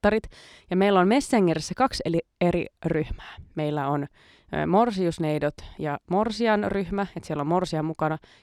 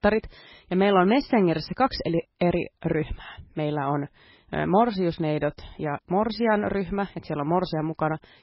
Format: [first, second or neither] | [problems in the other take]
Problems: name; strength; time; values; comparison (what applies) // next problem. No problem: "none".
first | garbled, watery; badly; nothing above 5.5 kHz